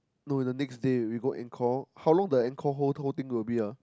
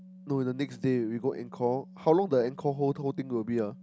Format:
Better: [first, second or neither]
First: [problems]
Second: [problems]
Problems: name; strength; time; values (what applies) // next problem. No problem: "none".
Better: first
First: none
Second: background sound (Organ); 20 dB below the speech